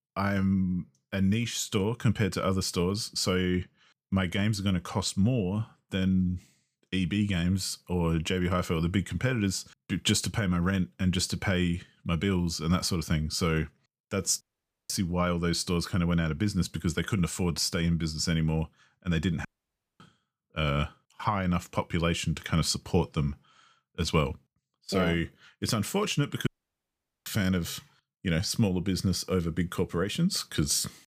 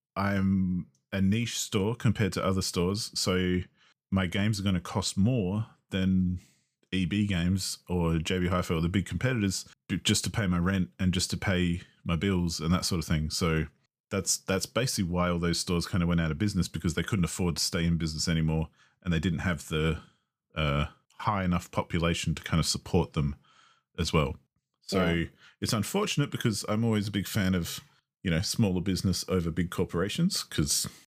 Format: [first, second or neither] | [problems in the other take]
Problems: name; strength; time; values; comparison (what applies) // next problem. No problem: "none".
second | audio cutting out; at 14 s, at 19 s for 0.5 s and at 26 s for 1 s